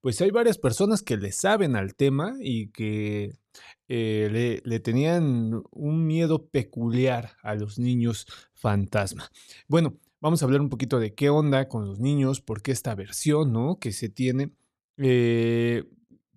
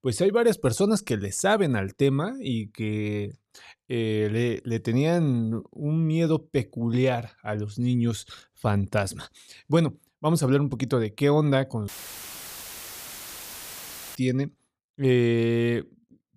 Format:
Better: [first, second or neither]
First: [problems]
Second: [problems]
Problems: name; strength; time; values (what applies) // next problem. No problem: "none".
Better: first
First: none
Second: audio cutting out; filled with static; at 12 s for 2.5 s